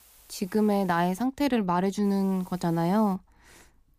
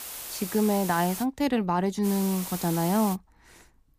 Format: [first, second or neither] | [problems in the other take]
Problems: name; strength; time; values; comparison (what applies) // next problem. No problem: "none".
first | hiss; loud; until 1 s and from 2 to 3 s; 9 dB below the speech; faint in the first